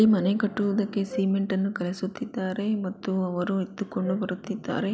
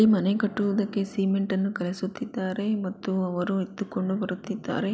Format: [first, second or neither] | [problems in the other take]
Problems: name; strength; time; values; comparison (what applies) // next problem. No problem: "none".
second | background sound (Wind instrument, woodwind instrument); 15 dB below the speech